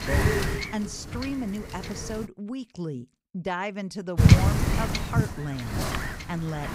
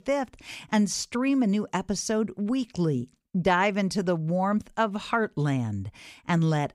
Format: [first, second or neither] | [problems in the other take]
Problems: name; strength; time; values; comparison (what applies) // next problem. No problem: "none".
second | wind noise on the microphone; heavy; until 2.5 s and from 4 s on; 4 dB above the speech